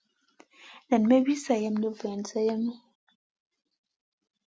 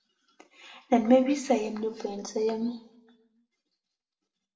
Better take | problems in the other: first | room echo; dies away in 0.7 s

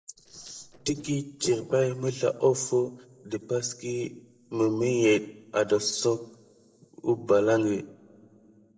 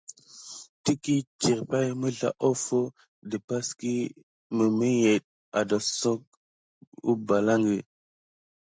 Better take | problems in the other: second | noise reduction (neural separator model SepFormer DNS4)

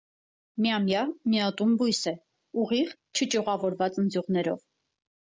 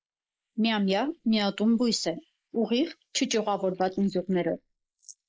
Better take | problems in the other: first | noise reduction (neural mask model Resemble Enhance denoiser)

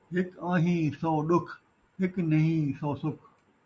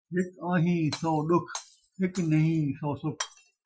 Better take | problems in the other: first | noise reduction (classical method Wiener filter)

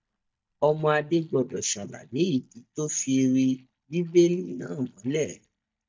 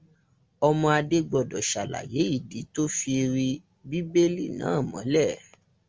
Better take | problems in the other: second | noise reduction (neural mask model DeepFilterNet 3)

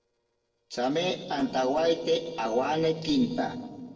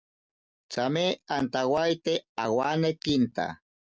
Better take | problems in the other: second | noise reduction (neural separator model SepFormer DNS4)

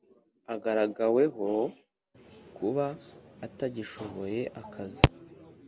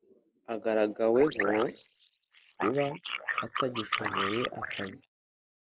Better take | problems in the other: first | noise reduction (neural mask model Resemble Enhance denoiser)

